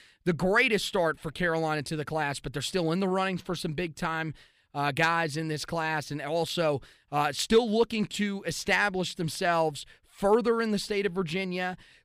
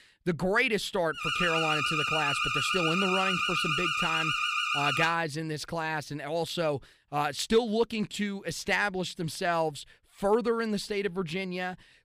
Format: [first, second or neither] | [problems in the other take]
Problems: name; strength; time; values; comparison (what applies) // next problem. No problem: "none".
first | alarm; loud; from 1 to 5 s; peak 3 dB above the speech